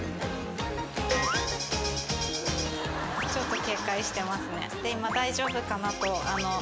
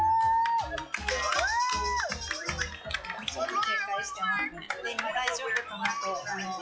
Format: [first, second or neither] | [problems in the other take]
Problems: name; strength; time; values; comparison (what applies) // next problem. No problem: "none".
first | noise reduction (classical method log-MMSE)